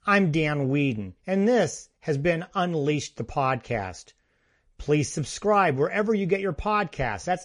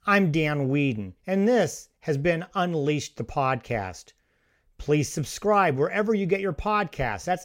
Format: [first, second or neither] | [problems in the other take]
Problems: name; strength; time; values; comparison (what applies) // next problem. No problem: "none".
second | garbled, watery; slightly; nothing above 10.5 kHz